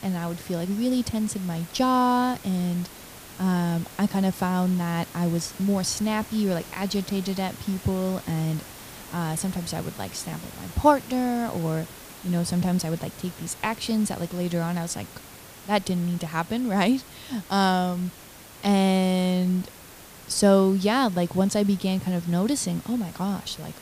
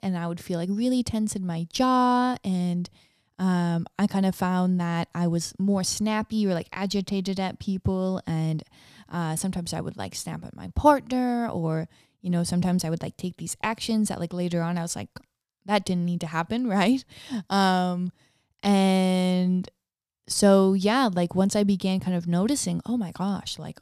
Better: second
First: hiss; noticeable; throughout; 15 dB below the speech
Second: none

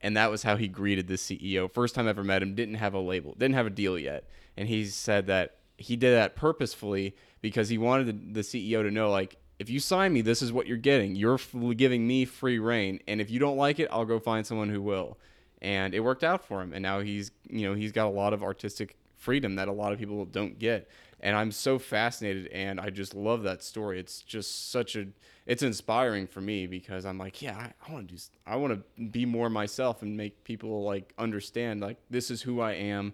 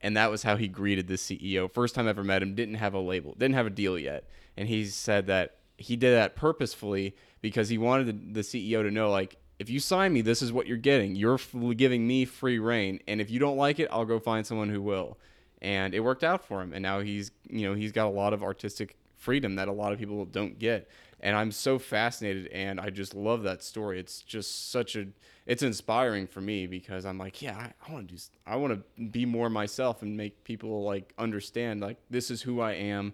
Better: neither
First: none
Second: none

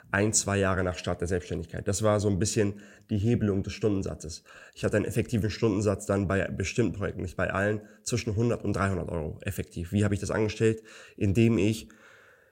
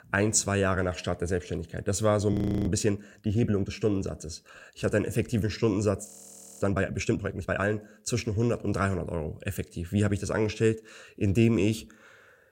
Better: first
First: none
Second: audio freezing; at 2.5 s and at 6 s for 0.5 s

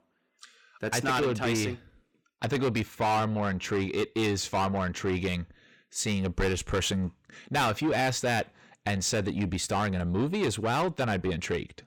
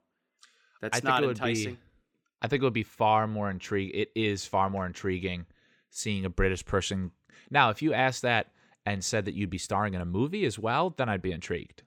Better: second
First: distortion; heavy; 7 dB below the speech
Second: none

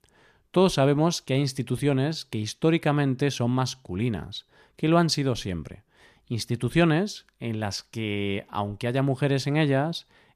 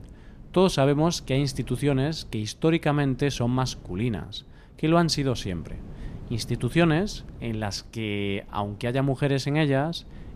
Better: first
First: none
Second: wind noise on the microphone; occasional gusts; 25 dB below the speech

